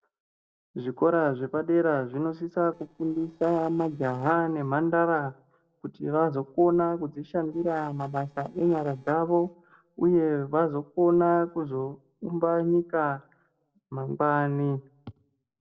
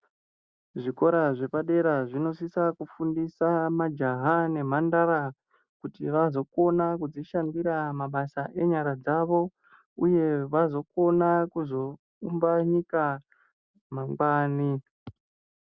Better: second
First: noise reduction (neural separator model SepFormer DNS4)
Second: none

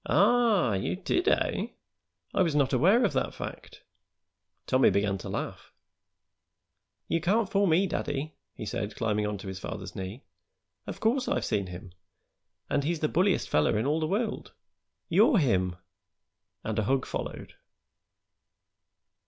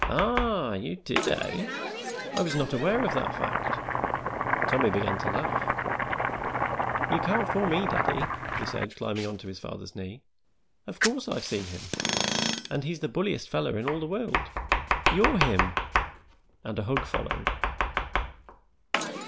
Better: first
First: none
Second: background sound (Domestic sounds, home sounds + Tools); 1 dB above the speech

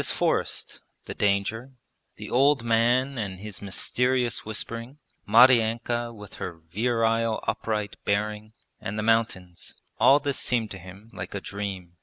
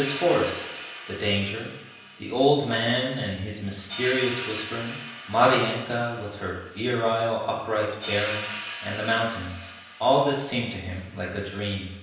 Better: first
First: none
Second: background sound (Hi-hat); 13 dB below the speech // room echo; dies away in 0.9 s

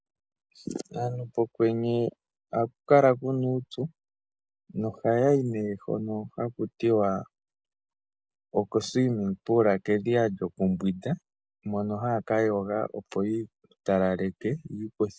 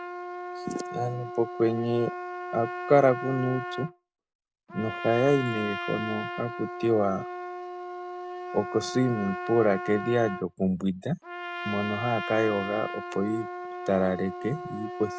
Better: first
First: none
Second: background sound (Trumpet); 8 dB below the speech

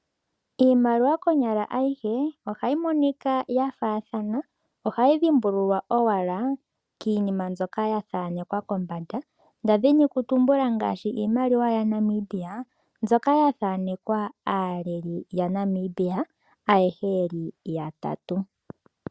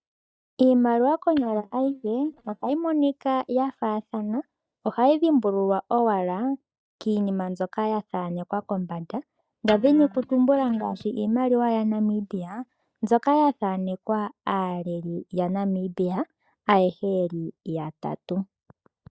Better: first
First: none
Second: noise reduction (neural mask model DeepFilterNet 3)

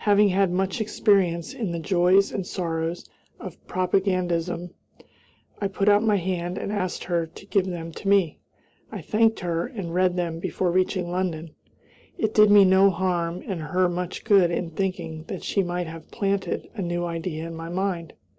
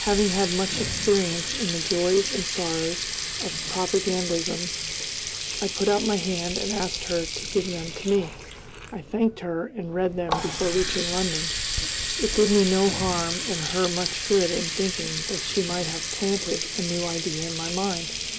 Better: first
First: none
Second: background sound (Water tap, faucet); 3 dB below the speech

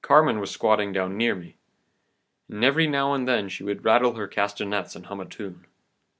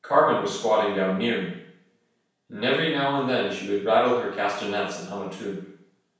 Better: first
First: none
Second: room echo; dies away in 0.7 s

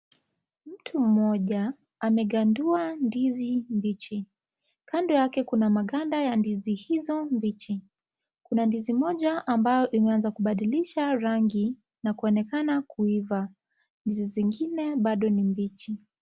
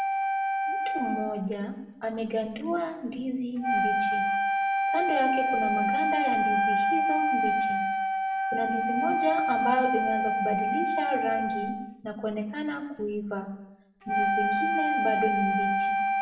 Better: first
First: none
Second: background sound (Wind instrument, woodwind instrument); 4 dB above the speech // room echo; dies away in 0.7 s

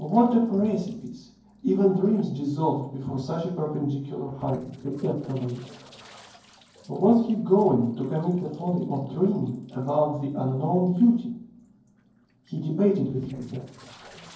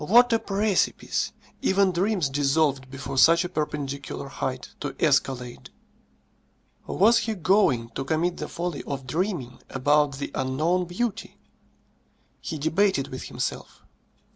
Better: second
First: noise reduction (neural separator model SepFormer DNS4)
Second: none

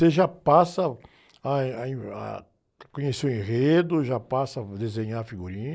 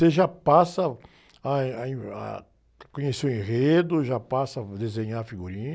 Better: second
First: noise reduction (neural mask model Resemble Enhance denoiser)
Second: none

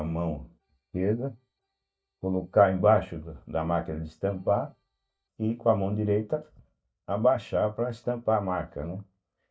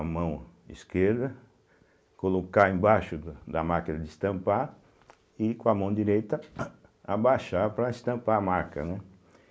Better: second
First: noise reduction (neural mask model DeepFilterNet 3)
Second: none

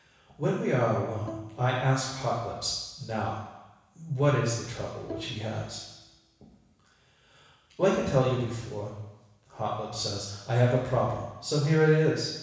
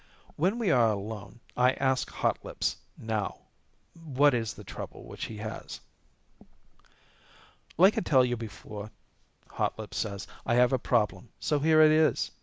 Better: second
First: background sound (Bowed string instrument); 19 dB below the speech // room echo; dies away in 1.1 s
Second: none

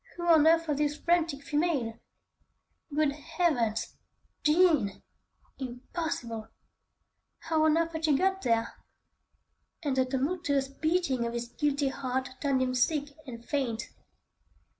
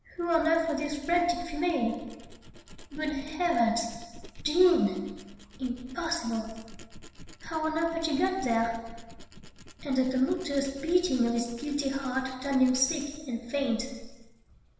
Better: first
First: none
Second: background sound (Tools); 16 dB below the speech // room echo; dies away in 1.1 s

